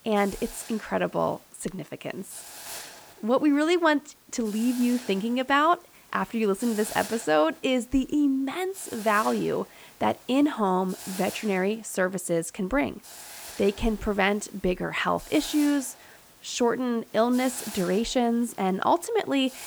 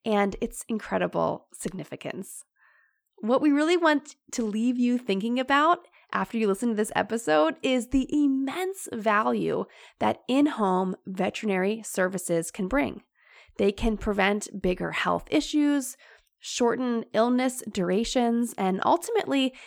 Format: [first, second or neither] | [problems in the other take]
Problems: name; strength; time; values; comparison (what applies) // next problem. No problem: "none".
second | hiss; noticeable; throughout; 15 dB below the speech